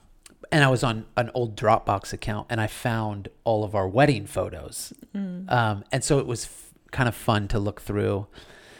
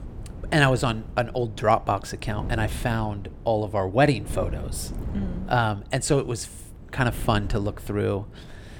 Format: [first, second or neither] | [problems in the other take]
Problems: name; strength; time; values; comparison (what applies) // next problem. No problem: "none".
first | wind noise on the microphone; occasional gusts; 20 dB below the speech